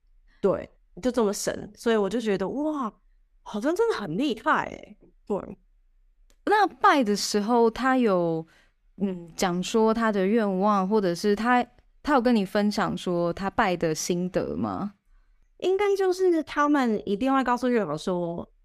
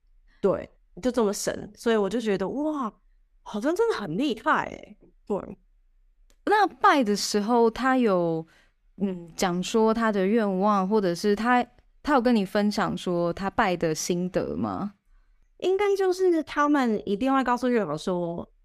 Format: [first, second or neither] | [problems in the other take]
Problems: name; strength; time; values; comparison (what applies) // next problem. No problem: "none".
neither | none